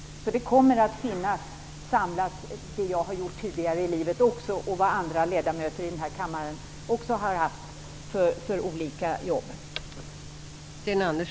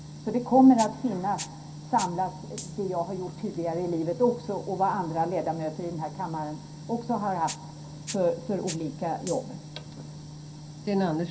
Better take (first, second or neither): first